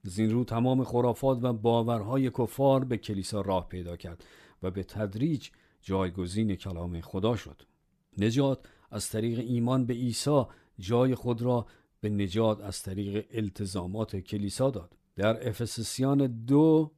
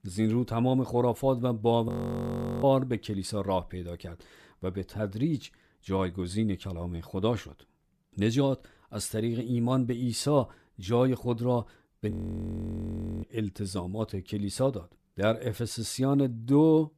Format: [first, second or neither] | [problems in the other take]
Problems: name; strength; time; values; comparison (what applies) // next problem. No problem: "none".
first | audio freezing; at 2 s for 0.5 s and at 12 s for 1 s